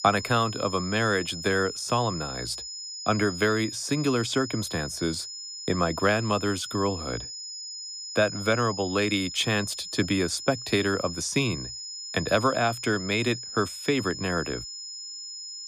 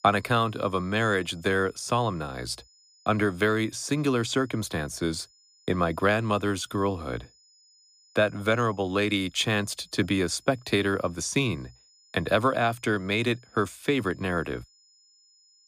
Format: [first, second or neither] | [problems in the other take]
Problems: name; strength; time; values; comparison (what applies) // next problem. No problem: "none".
second | high-pitched whine; loud; throughout; 5 kHz, 8 dB below the speech; faint in the second